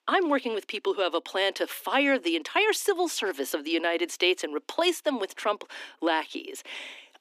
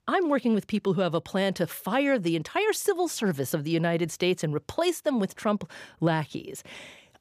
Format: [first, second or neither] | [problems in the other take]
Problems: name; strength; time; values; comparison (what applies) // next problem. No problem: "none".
second | thin; somewhat; fading below 250 Hz